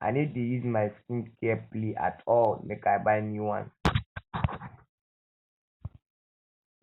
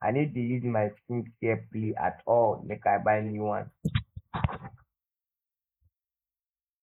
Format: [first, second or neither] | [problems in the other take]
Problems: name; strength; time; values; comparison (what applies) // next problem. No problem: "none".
first | noise reduction (neural mask model Resemble Enhance denoiser)